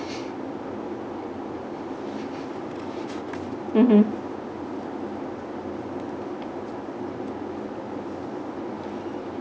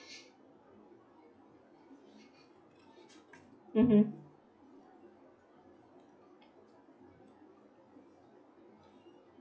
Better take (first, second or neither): first